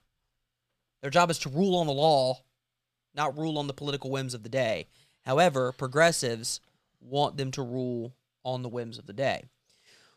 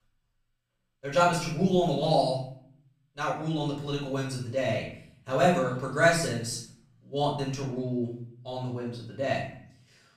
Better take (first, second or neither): first